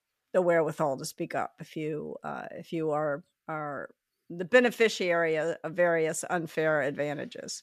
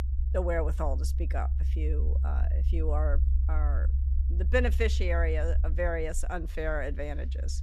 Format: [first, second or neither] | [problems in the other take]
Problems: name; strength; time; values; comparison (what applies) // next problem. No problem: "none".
first | low rumble; noticeable; throughout; 15 dB below the speech